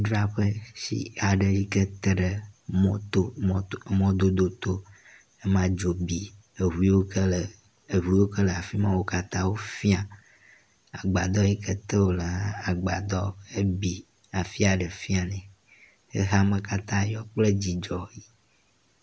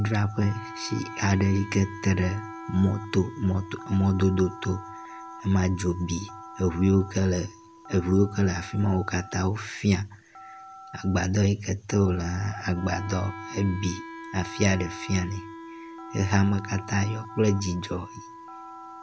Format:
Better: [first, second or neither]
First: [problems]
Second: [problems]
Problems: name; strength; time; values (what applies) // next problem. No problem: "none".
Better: first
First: none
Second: background sound (Telephone + Wind instrument, woodwind instrument); 15 dB below the speech